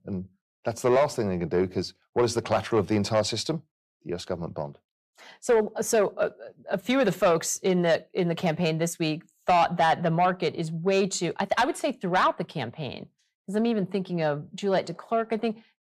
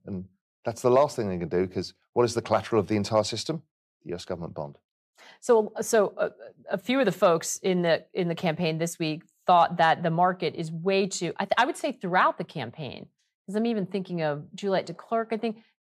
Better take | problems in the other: second | distortion; slight; 10 dB below the speech

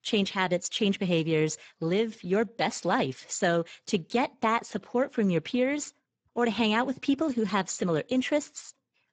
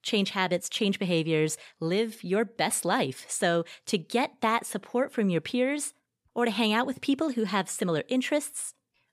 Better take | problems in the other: second | garbled, watery; badly; nothing above 7.5 kHz

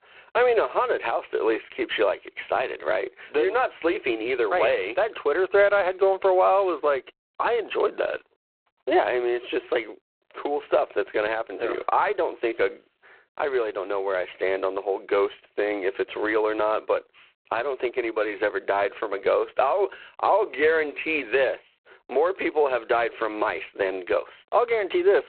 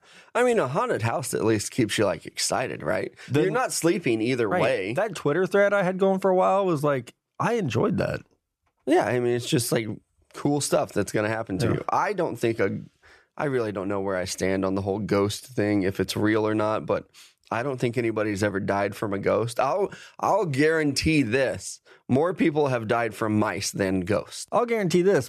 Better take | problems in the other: second | phone-call audio; poor line; nothing above 4 kHz

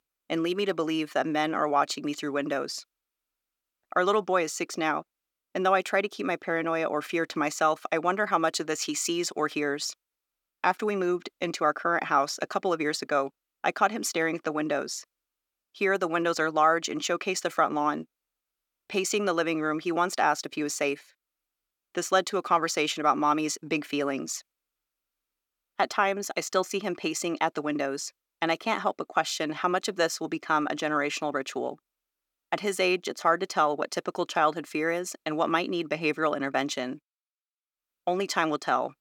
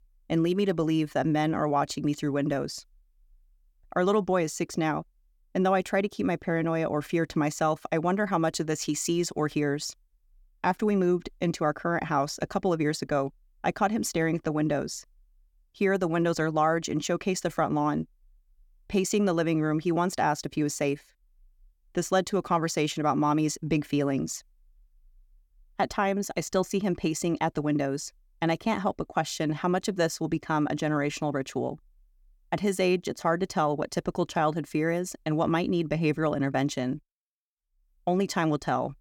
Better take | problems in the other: second | thin; somewhat; fading below 350 Hz

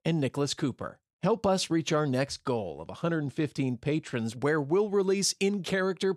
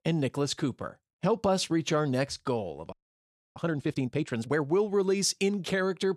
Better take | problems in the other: first | audio freezing; at 3 s for 0.5 s

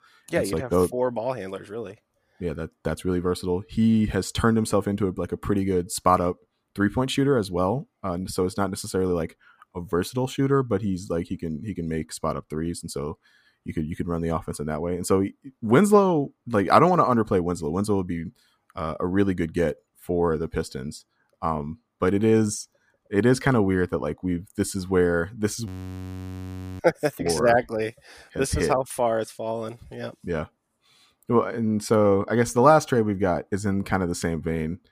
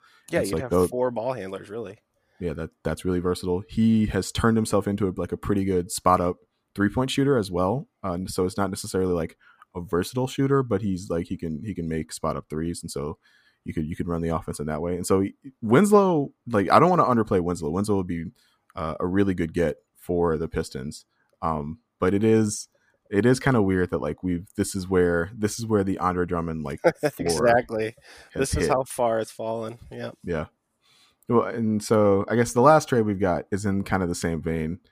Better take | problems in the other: second | audio freezing; at 26 s for 1 s

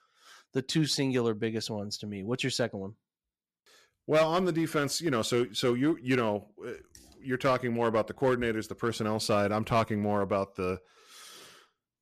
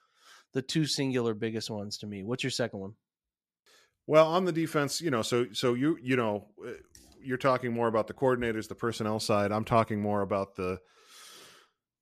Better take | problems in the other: second | distortion; slight; 3% of the sound clipped

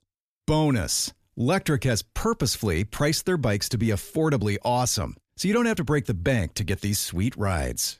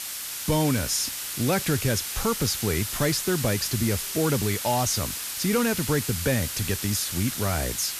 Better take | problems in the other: first | hiss; loud; throughout; 3 dB below the speech

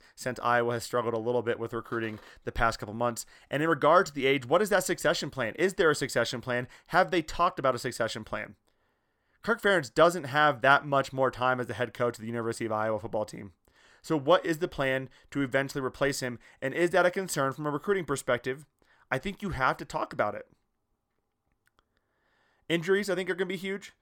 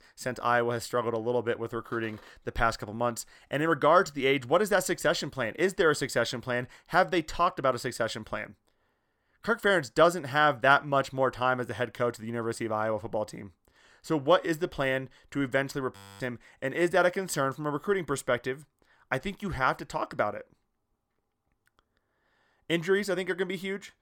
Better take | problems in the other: first | audio freezing; at 16 s

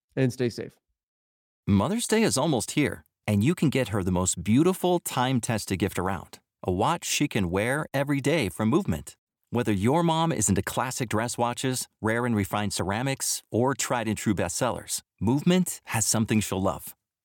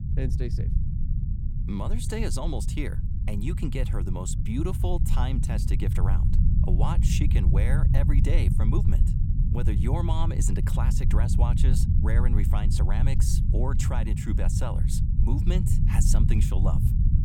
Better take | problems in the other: first | low rumble; loud; throughout; 3 dB below the speech

